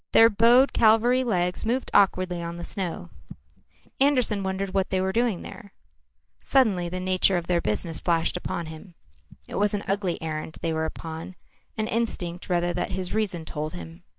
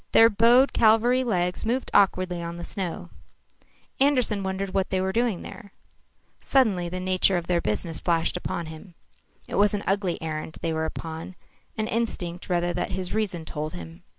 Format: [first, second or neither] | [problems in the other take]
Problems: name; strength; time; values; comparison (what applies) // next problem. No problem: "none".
second | noise reduction (neural mask model DeepFilterNet 3)